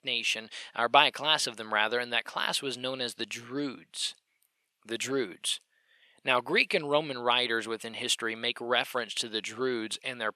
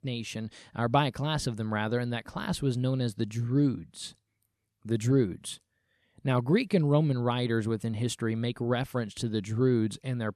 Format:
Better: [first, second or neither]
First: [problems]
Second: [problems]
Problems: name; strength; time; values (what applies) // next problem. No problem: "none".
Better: second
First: thin; very; fading below 600 Hz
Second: none